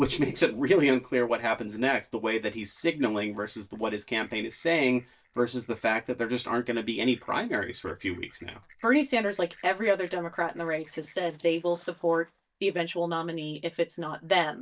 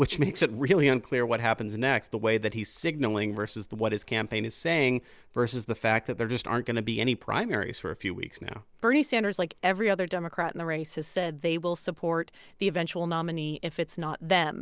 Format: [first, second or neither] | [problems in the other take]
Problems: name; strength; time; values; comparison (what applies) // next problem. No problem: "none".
second | noise reduction (neural mask model DeepFilterNet 3)